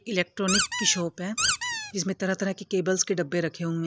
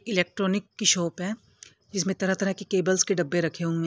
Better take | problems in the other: second | background sound (Squeak); as loud as the speech

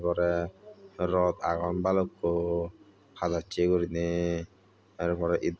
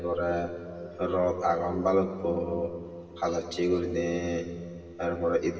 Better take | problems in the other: first | room echo; dies away in 2.3 s

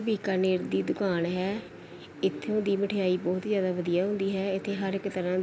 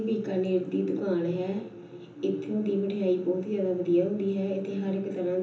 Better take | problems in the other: first | room echo; dies away in 0.7 s

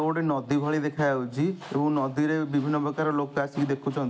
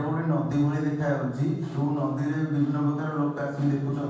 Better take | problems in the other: first | room echo; dies away in 1.2 s

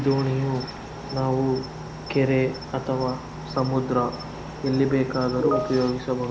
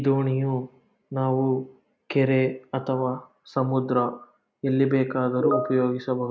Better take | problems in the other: second | background sound (Cricket); 11 dB below the speech

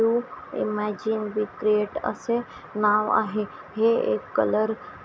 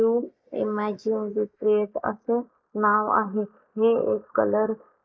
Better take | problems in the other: first | noise reduction (neural mask model Resemble Enhance denoiser)

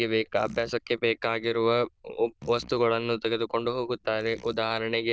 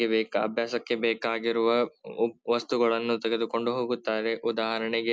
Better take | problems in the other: second | noise reduction (neural diffusion model UNIVERSE++)

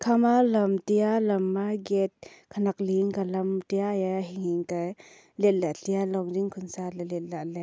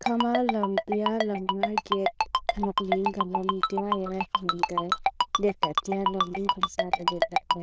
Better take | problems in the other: first | noise reduction (neural diffusion model UNIVERSE++)

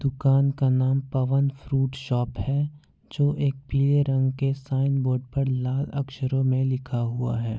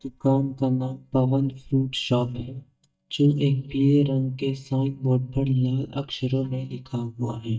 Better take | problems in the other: first | noise reduction (neural mask model DeepFilterNet 3)

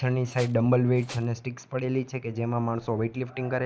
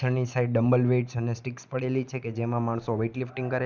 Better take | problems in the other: second | background sound (Tools); 18 dB below the speech

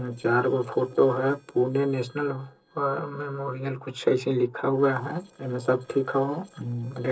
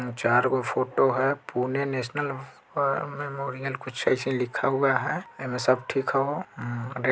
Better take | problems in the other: second | noise reduction (neural separator model SepFormer DNS4)

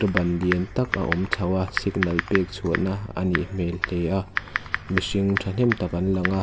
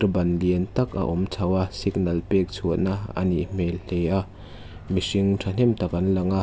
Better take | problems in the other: second | background sound (Typing); 7 dB below the speech

